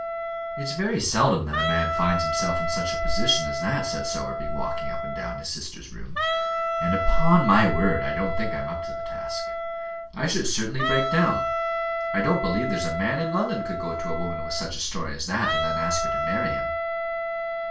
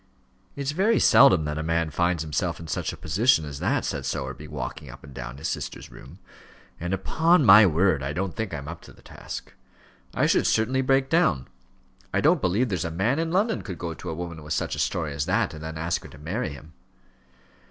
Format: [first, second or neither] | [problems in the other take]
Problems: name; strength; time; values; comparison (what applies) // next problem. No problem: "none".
second | background sound (Wind instrument, woodwind instrument); 2 dB below the speech // room echo; dies away in 0.3 s